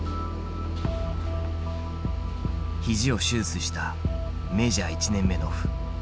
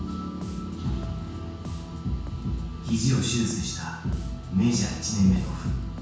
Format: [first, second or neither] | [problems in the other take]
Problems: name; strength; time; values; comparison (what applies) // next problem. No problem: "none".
first | background sound (Bass guitar); 12 dB below the speech // room echo; dies away in 0.6 s